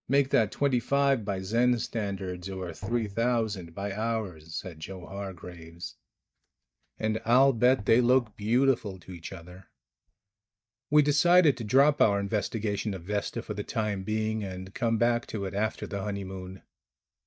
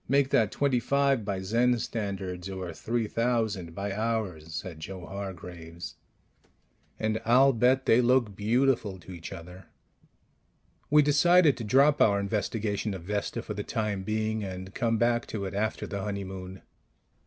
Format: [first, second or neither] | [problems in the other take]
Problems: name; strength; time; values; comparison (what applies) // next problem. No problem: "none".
second | noise reduction (neural mask model DeepFilterNet 3)